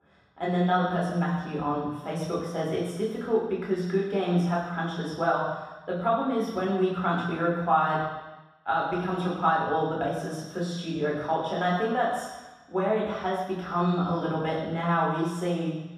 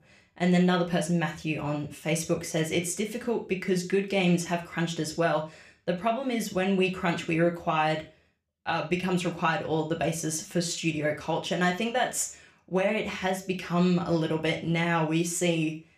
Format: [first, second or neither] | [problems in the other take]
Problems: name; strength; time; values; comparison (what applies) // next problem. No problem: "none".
second | room echo; strong; dies away in 1.2 s; slight in the second // off-mic speech; far; somewhat distant in the second